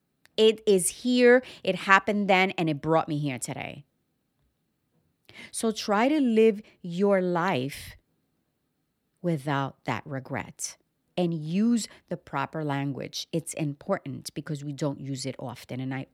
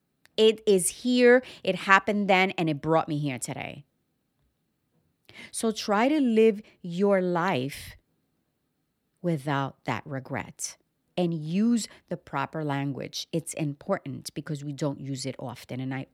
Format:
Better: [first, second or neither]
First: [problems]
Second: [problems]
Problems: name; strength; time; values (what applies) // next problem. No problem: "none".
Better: neither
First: none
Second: none